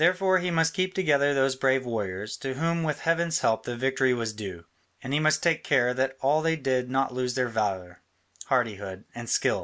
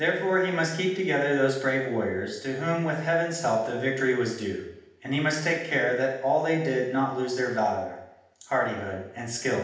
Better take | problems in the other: first | room echo; dies away in 0.8 s

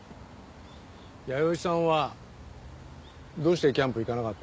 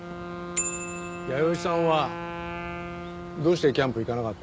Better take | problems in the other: first | background sound (Wind instrument, woodwind instrument + Bicycle bell); 7 dB below the speech

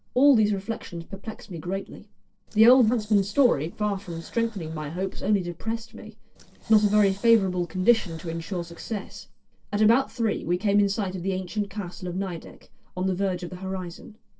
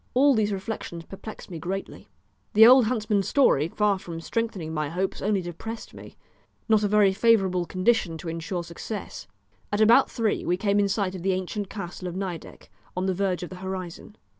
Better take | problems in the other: second | noise reduction (neural separator model SepFormer DNS4)

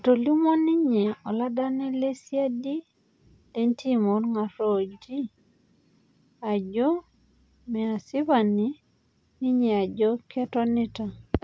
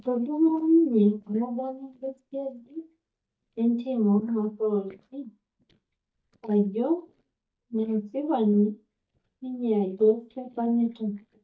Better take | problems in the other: first | noise reduction (neural mask model DeepFilterNet 3)

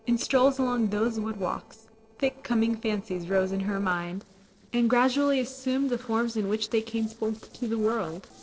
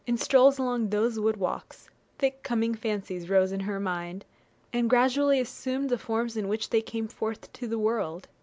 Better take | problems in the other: second | noise reduction (neural separator model SepFormer DNS4)

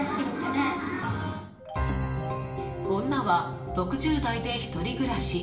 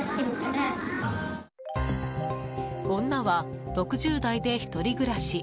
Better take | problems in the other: second | room echo; dies away in 0.8 s

